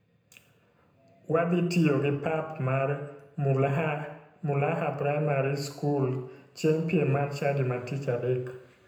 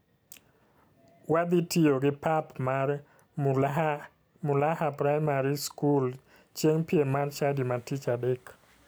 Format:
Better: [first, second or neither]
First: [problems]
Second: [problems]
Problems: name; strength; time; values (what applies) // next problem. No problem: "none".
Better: second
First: room echo; dies away in 0.8 s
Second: none